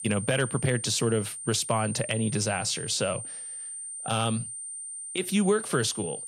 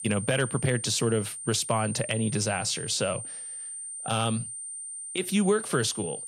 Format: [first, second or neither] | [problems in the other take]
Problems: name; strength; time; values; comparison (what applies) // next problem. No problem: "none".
neither | high-pitched whine; loud; throughout; 9 kHz, 8 dB below the speech; the same in both